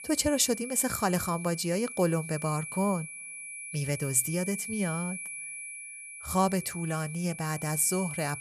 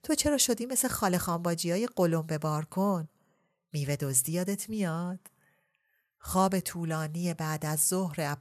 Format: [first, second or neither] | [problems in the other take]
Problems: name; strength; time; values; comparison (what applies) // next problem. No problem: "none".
second | high-pitched whine; loud; throughout; 2.5 kHz, 9 dB below the speech